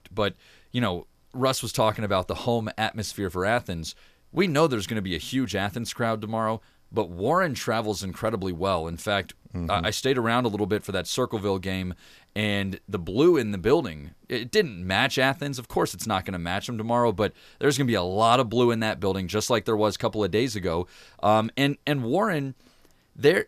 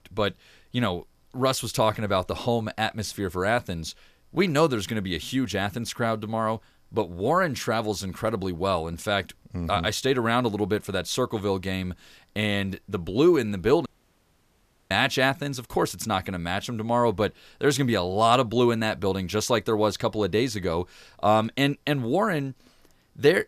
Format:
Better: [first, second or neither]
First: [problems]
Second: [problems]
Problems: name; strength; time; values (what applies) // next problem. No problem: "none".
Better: first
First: none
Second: audio cutting out; at 14 s for 1 s